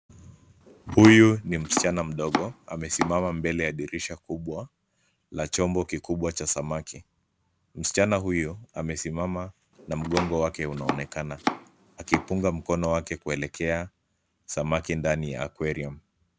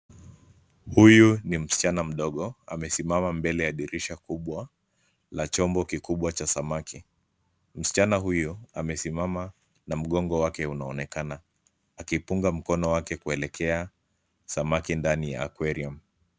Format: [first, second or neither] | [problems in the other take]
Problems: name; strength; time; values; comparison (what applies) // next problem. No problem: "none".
second | background sound (Domestic sounds, home sounds); 7 dB below the speech